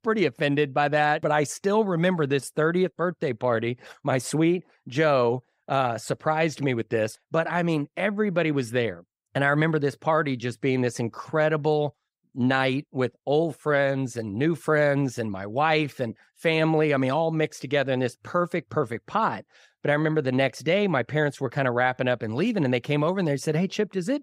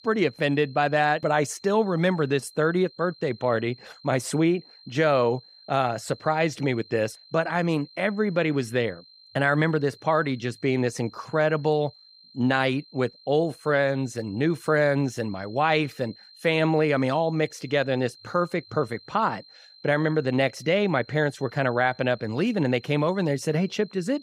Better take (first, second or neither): first